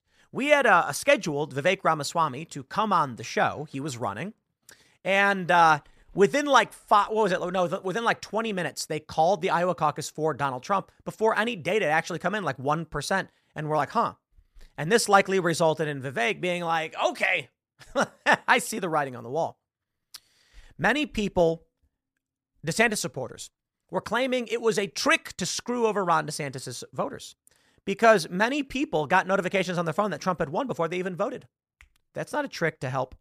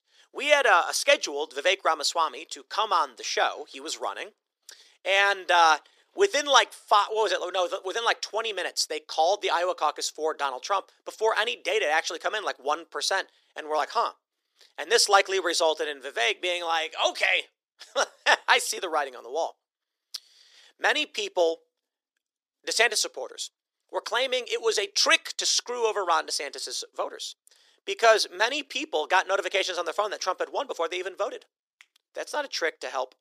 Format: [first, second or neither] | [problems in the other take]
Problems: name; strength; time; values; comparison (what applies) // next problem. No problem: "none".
first | thin; very; fading below 350 Hz